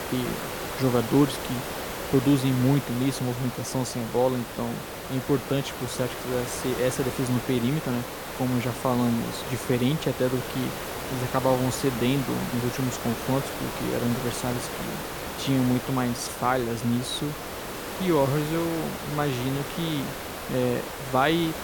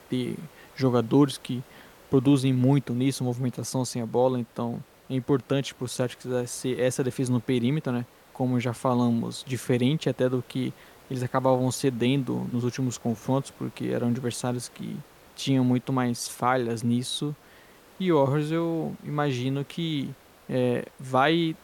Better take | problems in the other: second | hiss; loud; throughout; 6 dB below the speech; faint in the second

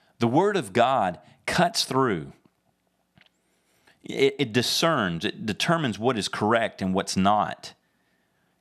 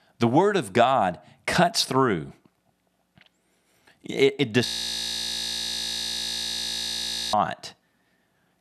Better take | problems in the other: first | audio freezing; at 4.5 s for 2.5 s

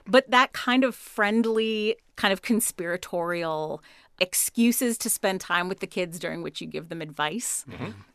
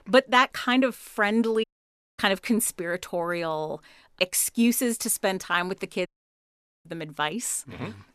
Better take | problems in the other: first | audio cutting out; at 1.5 s for 0.5 s and at 6 s for 1 s

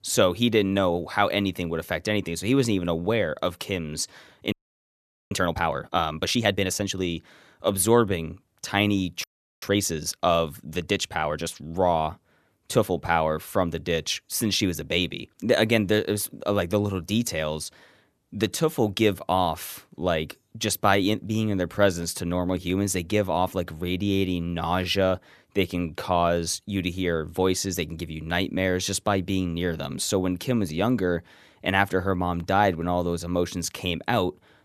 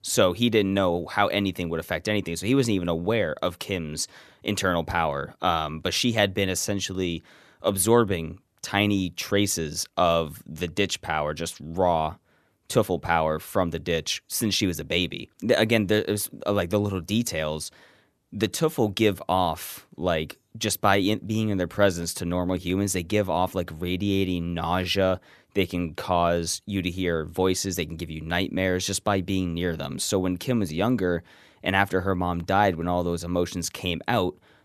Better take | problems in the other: second | audio freezing; at 4.5 s for 1 s and at 9 s

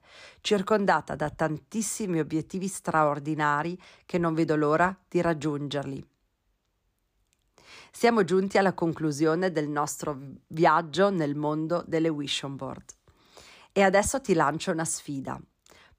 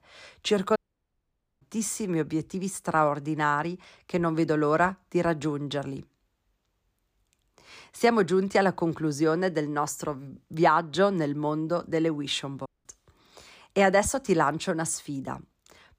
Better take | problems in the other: first | audio cutting out; at 1 s for 1 s and at 13 s

